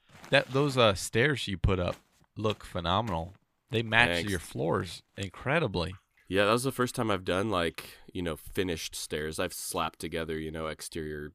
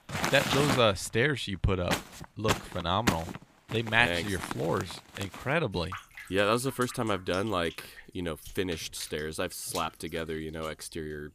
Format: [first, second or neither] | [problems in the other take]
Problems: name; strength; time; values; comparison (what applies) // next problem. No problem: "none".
first | household noises; loud; throughout; 5 dB below the speech; faint in the first